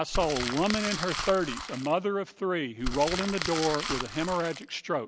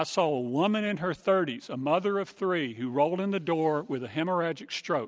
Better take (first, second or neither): second